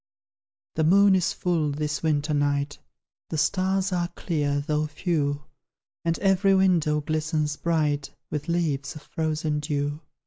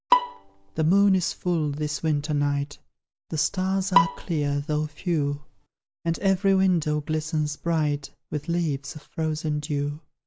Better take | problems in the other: first | background sound (Bowed string instrument); 4 dB below the speech

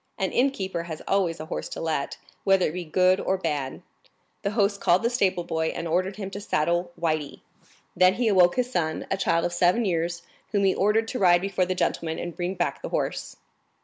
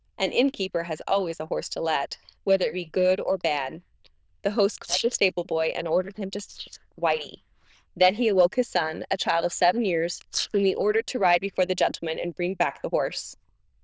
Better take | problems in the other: first | noise reduction (neural diffusion model UNIVERSE++)

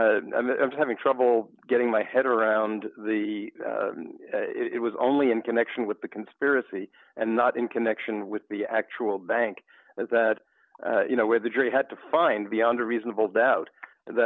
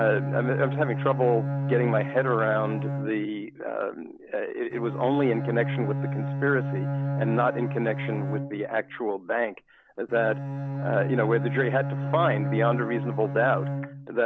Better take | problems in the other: first | background sound (Bowed string instrument); 3 dB below the speech

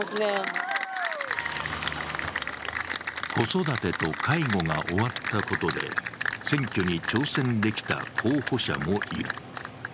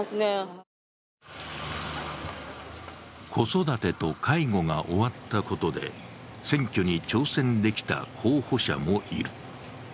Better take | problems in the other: second | background sound (Applause / Cheering); 3 dB below the speech

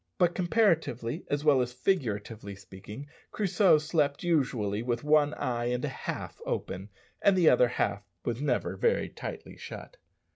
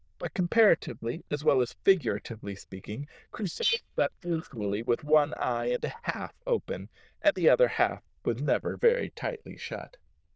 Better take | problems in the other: first | noise reduction (neural diffusion model UNIVERSE++)

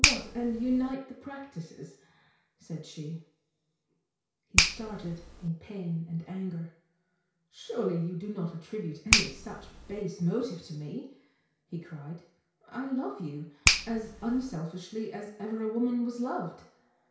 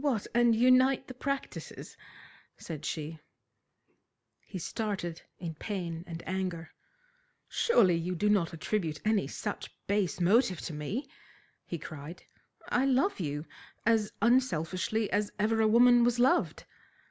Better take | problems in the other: second | background sound (Finger snapping); as loud as the speech // room echo; dies away in 0.6 s

